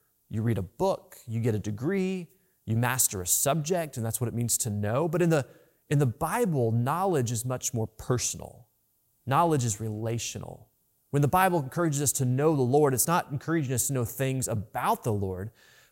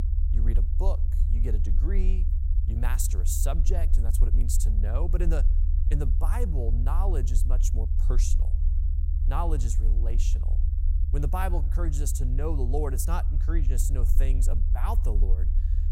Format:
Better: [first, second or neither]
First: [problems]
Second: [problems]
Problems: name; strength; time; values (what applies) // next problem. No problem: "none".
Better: first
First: none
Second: low rumble; loud; throughout; 10 dB below the speech